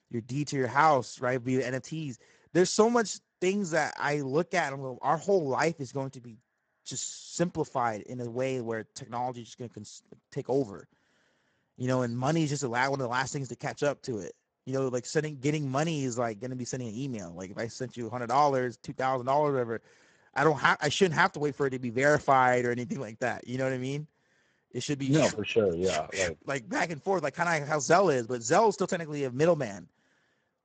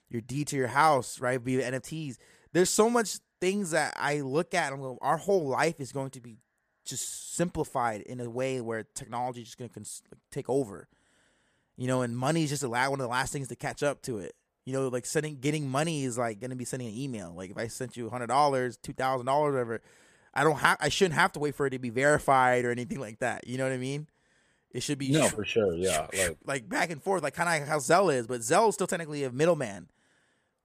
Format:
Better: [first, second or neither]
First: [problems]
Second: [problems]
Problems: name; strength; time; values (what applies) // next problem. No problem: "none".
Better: second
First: garbled, watery; badly; nothing above 7.5 kHz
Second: none